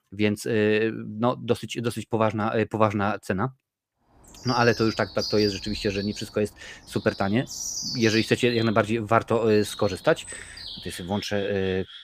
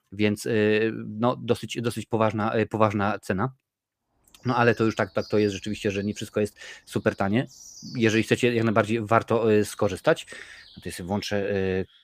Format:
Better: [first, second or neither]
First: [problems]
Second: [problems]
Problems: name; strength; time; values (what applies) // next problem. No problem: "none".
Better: second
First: animal sounds; loud; from 4 s on; 9 dB below the speech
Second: animal sounds; faint; from 4 s on; 25 dB below the speech